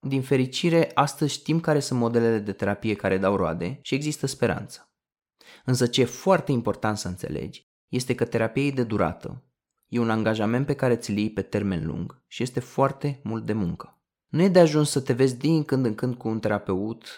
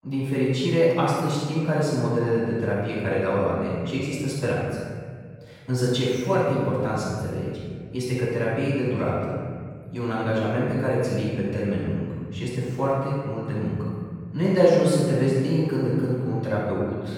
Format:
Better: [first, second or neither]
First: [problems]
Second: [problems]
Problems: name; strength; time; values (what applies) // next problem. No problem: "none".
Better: first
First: none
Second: off-mic speech; far // room echo; strong; dies away in 2 s